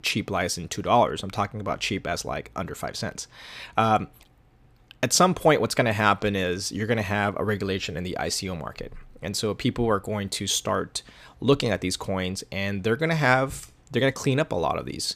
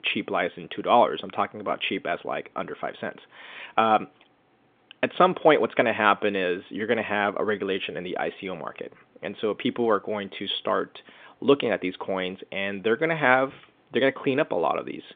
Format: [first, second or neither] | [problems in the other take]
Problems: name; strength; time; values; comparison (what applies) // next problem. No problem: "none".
first | phone-call audio; nothing above 3.5 kHz